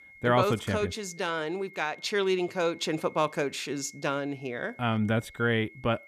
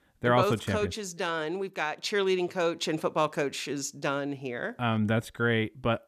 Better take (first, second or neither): second